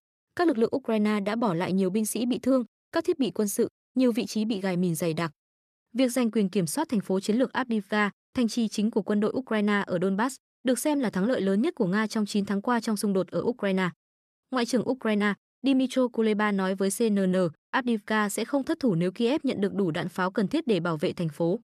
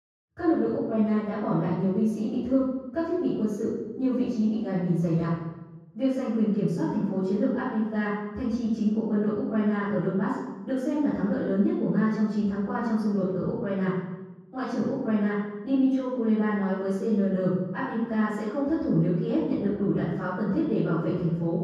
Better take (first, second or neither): first